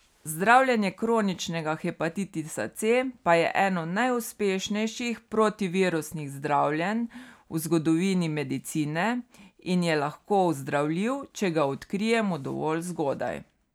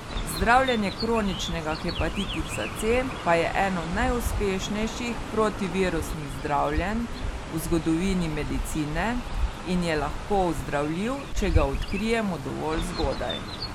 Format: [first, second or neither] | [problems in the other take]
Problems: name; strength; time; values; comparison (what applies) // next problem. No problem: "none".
first | background sound (Chirp, tweet); 4 dB below the speech